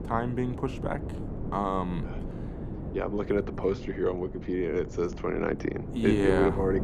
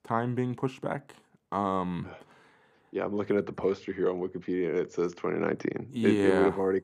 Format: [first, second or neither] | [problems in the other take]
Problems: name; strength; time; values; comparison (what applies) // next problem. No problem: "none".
second | wind noise on the microphone; occasional gusts; 15 dB below the speech